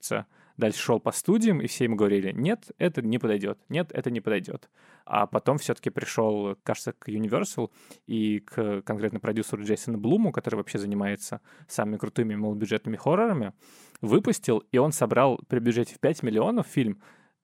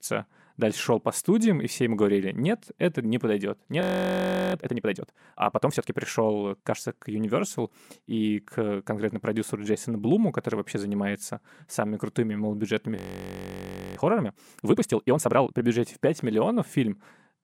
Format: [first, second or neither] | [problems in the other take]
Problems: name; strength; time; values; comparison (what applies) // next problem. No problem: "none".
first | audio freezing; at 4 s for 0.5 s and at 13 s for 1 s